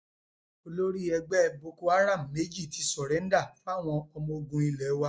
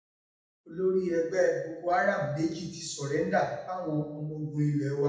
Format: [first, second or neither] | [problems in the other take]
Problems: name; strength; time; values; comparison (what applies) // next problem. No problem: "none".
first | room echo; dies away in 0.8 s